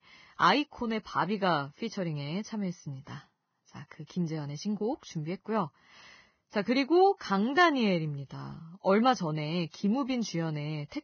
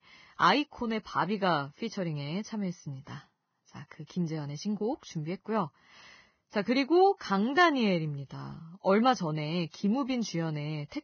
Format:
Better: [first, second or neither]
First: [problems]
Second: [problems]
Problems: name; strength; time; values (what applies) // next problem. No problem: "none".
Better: neither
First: garbled, watery; badly; nothing above 6.5 kHz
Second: garbled, watery; badly; nothing above 6.5 kHz